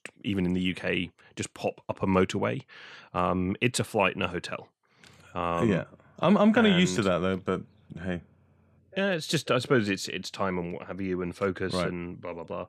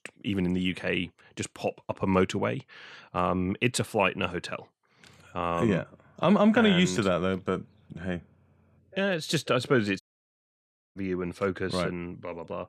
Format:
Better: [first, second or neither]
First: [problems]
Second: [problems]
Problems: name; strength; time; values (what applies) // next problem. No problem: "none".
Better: first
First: none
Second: audio cutting out; at 10 s for 1 s